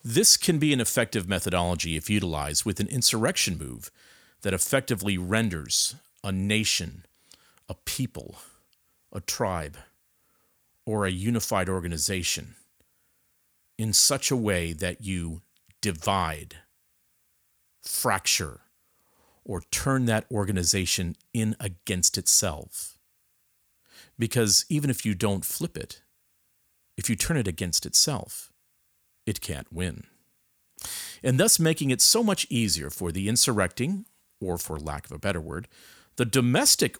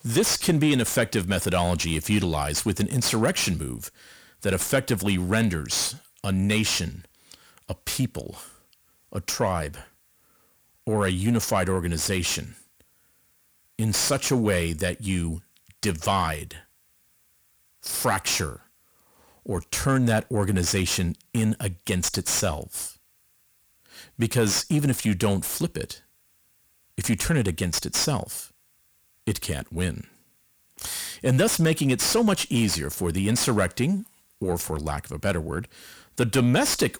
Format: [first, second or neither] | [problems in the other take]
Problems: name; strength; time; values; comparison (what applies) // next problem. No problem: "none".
first | distortion; heavy; 7 dB below the speech